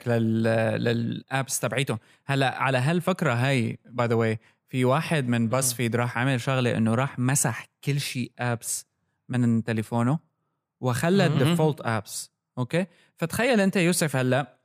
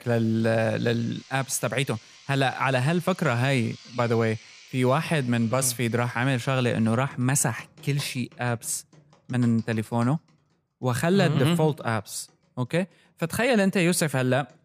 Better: first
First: none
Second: household noises; faint; throughout; 25 dB below the speech

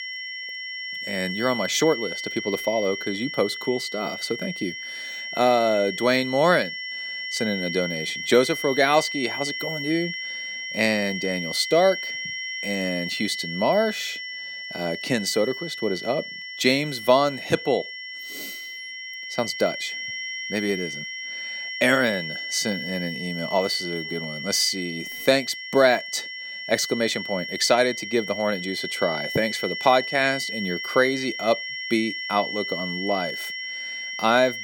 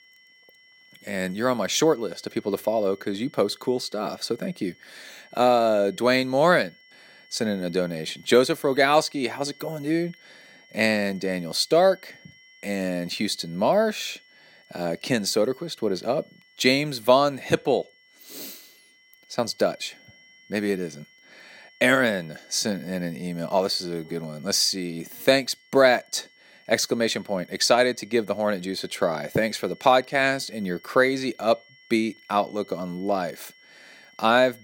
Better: second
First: high-pitched whine; loud; throughout; 2 kHz, 6 dB below the speech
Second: high-pitched whine; faint; throughout; 2 kHz, 30 dB below the speech

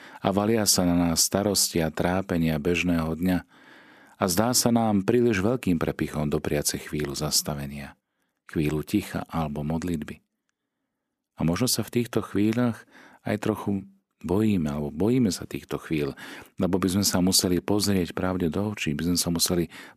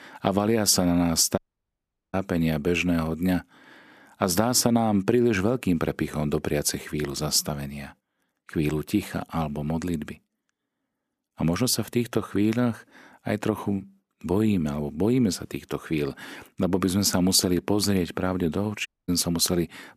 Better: first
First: none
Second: audio cutting out; at 1.5 s for 1 s and at 19 s

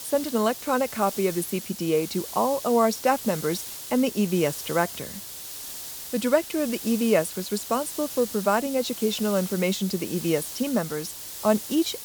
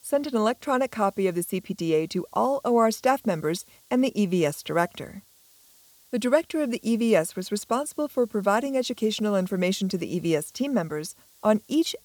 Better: second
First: hiss; loud; throughout; 9 dB below the speech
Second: hiss; faint; throughout; 30 dB below the speech

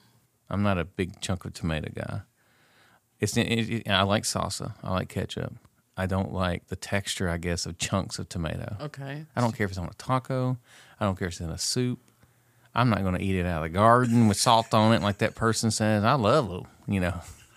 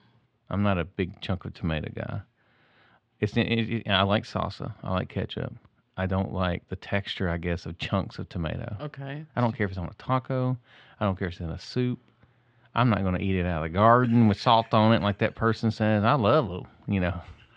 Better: first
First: none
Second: muffled; slightly; fading above 3.5 kHz

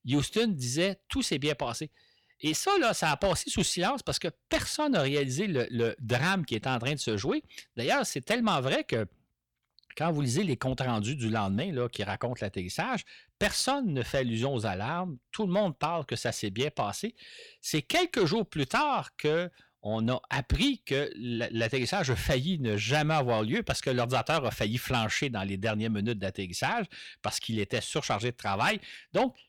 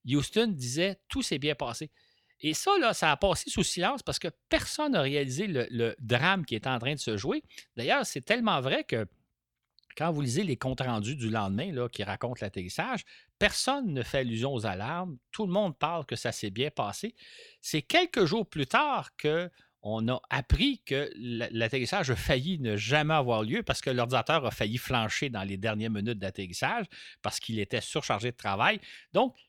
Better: second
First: distortion; slight; 10 dB below the speech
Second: none

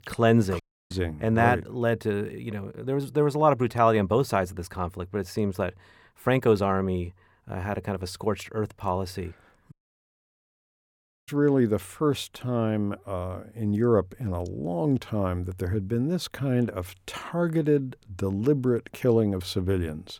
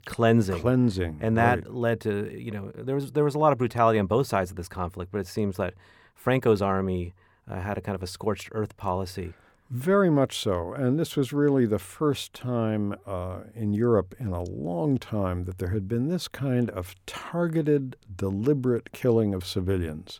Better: second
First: audio cutting out; at 0.5 s and at 9.5 s for 1.5 s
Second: none

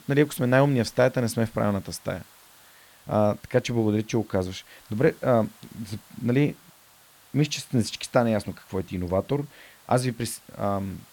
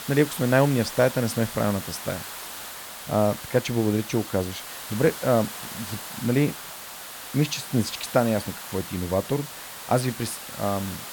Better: first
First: hiss; faint; throughout; 25 dB below the speech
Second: hiss; loud; throughout; 10 dB below the speech

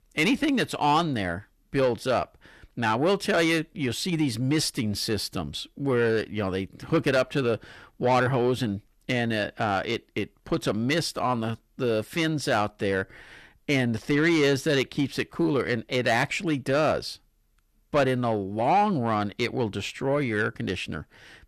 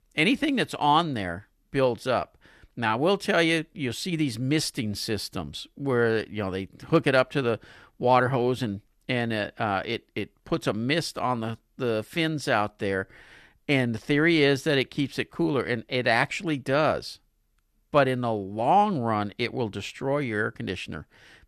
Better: second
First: distortion; slight; 10 dB below the speech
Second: none

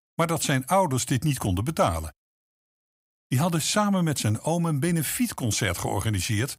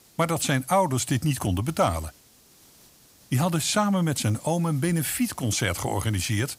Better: first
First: none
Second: hiss; faint; throughout; 25 dB below the speech

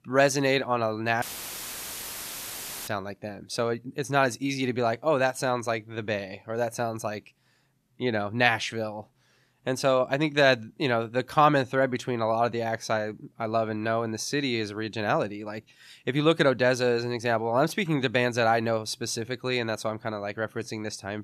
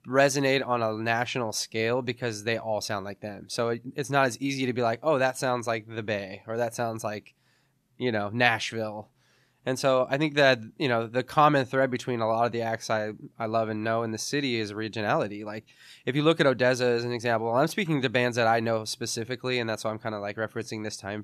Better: second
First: audio cutting out; filled with static; at 1 s for 1.5 s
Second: none

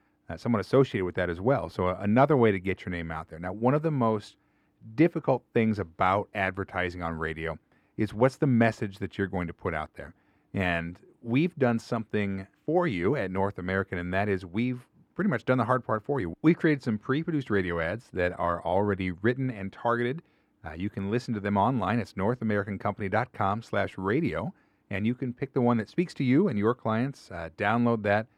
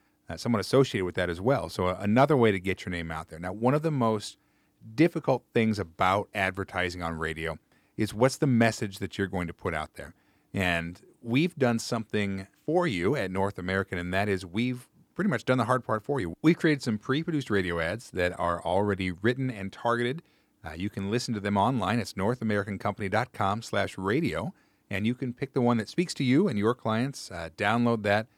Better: second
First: muffled; slightly; fading above 3.5 kHz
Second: none

